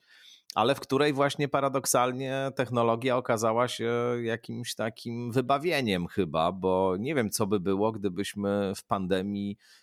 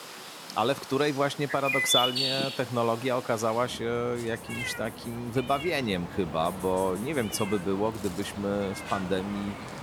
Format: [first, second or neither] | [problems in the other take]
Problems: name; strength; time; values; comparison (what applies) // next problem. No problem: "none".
first | animal sounds; loud; throughout; 4 dB below the speech